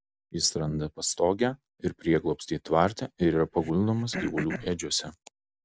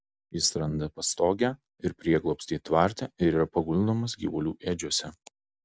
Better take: second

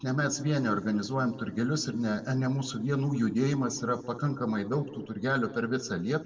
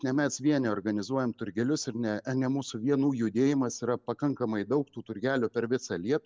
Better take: second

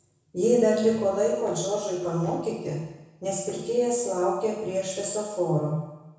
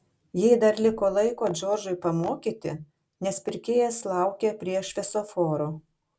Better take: second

